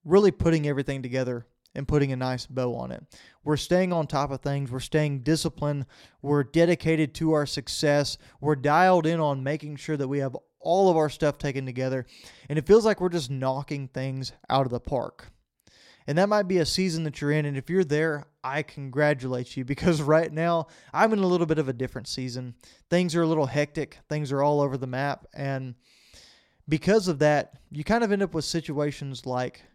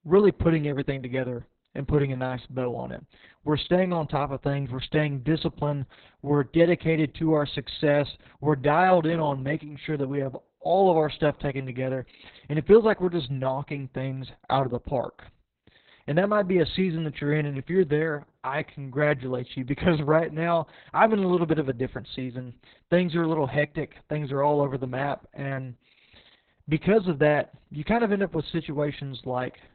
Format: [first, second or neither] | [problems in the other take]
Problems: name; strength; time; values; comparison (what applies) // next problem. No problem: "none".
first | garbled, watery; badly; nothing above 4 kHz